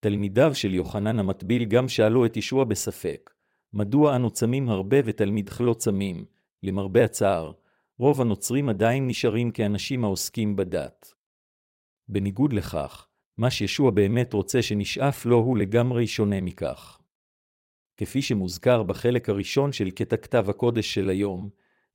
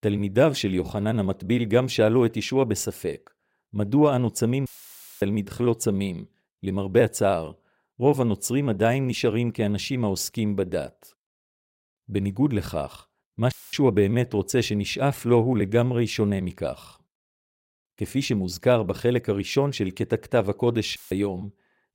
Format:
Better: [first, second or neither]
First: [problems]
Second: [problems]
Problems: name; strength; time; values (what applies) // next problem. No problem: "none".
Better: first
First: none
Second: audio cutting out; filled with static; at 4.5 s for 0.5 s, at 14 s and at 21 s